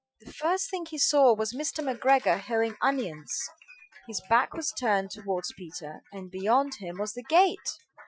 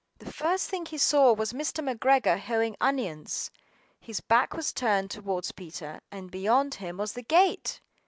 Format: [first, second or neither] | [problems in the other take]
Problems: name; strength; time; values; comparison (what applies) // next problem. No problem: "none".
second | noise reduction (classical method Wiener filter)